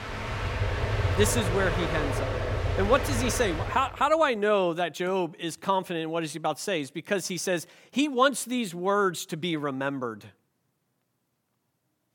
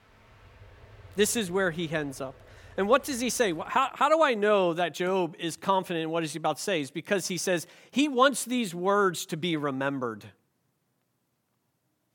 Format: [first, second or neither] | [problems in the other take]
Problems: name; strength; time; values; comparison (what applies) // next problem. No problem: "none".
second | train or aircraft noise; loud; until 3.5 s; 2 dB below the speech; faint in the second